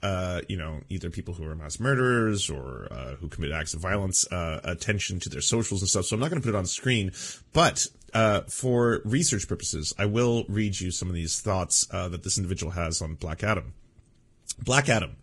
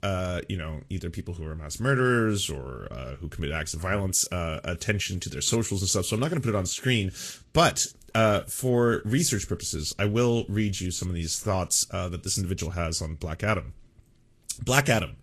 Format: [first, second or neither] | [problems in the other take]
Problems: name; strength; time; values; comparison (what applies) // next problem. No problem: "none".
second | garbled, watery; badly; nothing above 10 kHz; slightly in the second